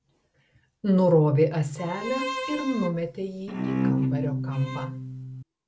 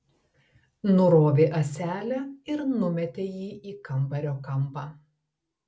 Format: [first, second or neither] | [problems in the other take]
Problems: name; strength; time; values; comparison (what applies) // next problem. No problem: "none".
second | background sound (Bowed string instrument); 4 dB below the speech